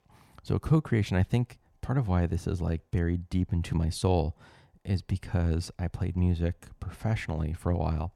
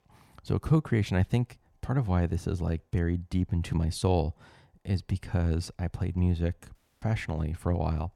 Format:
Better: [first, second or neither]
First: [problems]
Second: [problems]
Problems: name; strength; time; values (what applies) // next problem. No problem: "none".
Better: first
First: none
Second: audio cutting out; at 7 s